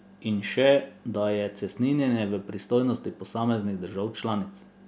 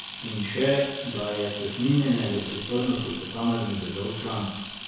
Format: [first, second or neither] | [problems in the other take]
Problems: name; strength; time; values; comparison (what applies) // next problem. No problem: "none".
first | background sound (Camera); 11 dB below the speech // room echo; dies away in 1 s